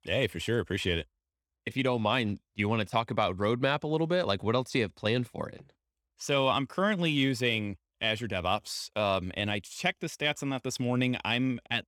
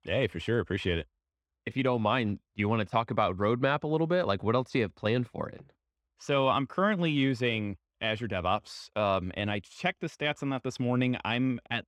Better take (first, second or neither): first